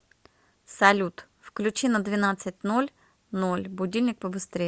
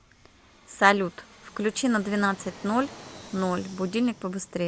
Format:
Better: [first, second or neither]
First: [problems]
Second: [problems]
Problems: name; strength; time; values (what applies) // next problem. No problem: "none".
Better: first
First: none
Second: background sound (Fixed-wing aircraft, airplane); 20 dB below the speech